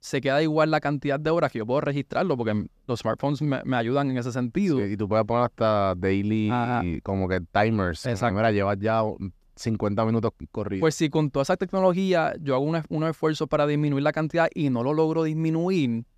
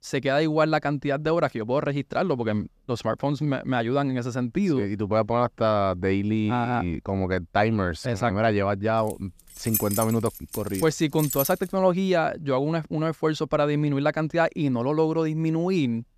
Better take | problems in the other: first | jangling keys; noticeable; from 9 to 12 s; peak 2 dB below the speech

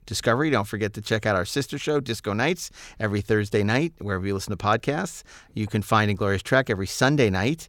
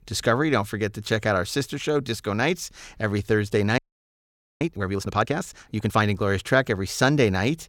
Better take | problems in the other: first | audio freezing; at 4 s for 1 s

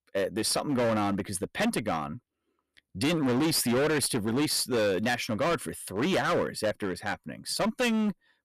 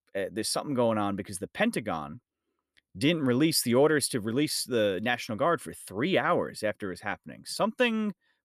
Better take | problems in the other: second | distortion; heavy; 18% of the sound clipped

